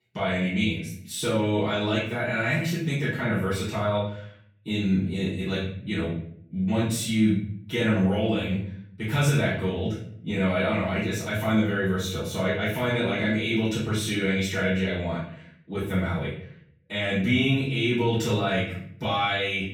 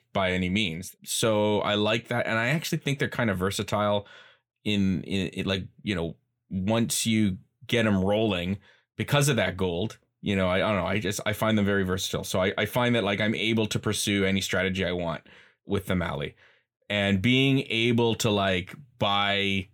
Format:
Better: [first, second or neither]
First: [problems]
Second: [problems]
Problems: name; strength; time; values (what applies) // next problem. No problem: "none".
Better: second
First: off-mic speech; far // room echo; noticeable; dies away in 0.6 s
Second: none